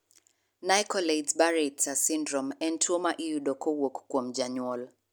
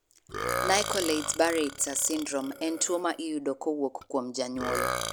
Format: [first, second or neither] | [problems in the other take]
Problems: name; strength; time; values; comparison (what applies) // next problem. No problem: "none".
first | background sound (Burping, eructation); 6 dB below the speech